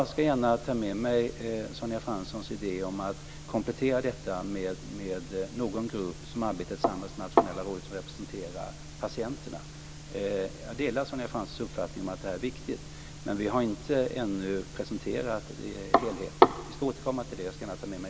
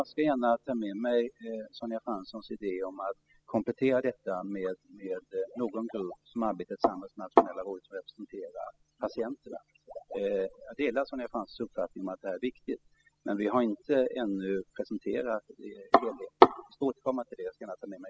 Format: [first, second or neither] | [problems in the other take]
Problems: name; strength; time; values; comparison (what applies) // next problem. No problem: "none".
first | noise reduction (classical method spectral subtraction)